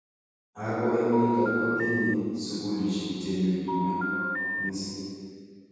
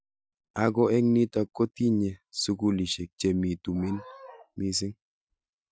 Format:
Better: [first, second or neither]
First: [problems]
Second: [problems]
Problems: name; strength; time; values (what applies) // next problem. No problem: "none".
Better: second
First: background sound (Telephone); 3 dB below the speech // room echo; dies away in 2.2 s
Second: none